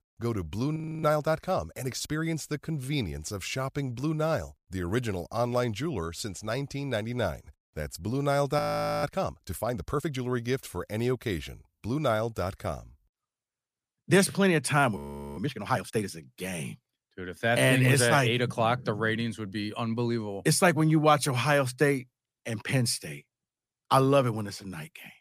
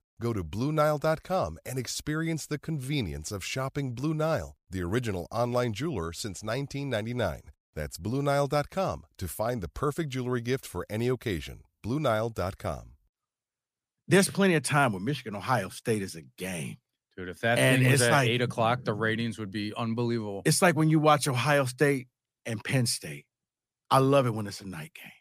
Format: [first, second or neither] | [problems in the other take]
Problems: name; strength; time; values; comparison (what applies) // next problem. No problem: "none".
second | audio freezing; at 1 s, at 8.5 s and at 15 s